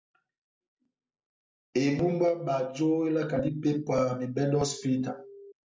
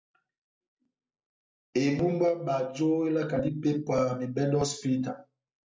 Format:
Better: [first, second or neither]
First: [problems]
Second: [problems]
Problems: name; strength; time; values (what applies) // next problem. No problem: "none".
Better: second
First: background sound (Telephone); 18 dB below the speech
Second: none